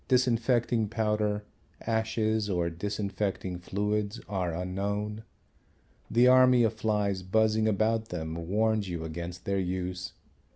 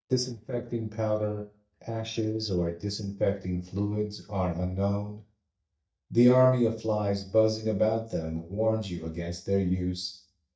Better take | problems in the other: first | noise reduction (neural mask model DeepFilterNet 3)

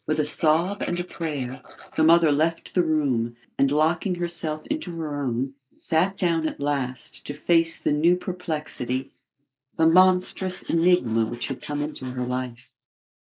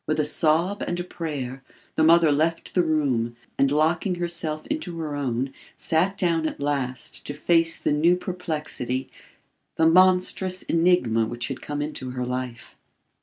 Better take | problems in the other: second | noise reduction (neural mask model Resemble Enhance denoiser)

